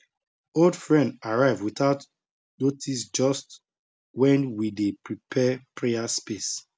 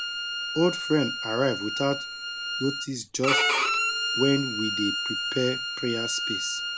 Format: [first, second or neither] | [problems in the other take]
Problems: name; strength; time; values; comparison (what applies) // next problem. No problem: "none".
first | background sound (Bowed string instrument); as loud as the speech